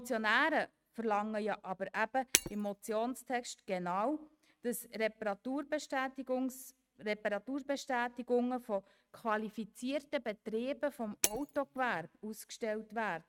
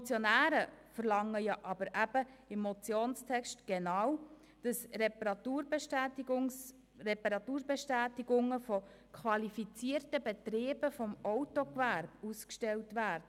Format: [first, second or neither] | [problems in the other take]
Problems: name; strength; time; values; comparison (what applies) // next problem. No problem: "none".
second | noise reduction (neural mask model RNNoise)